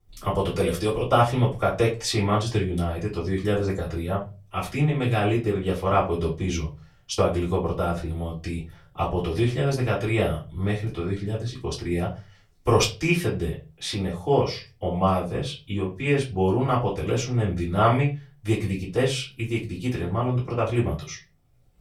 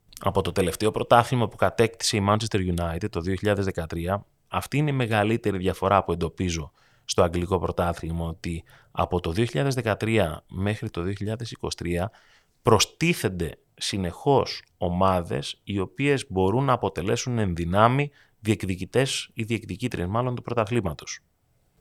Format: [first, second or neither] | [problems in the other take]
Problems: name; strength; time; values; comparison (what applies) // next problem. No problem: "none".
second | off-mic speech; far // room echo; very slight; dies away in 0.3 s